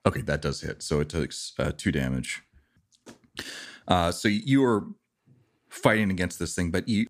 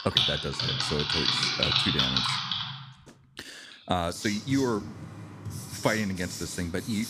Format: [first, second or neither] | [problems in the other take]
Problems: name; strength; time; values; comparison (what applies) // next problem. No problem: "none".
first | household noises; very loud; throughout; 4 dB above the speech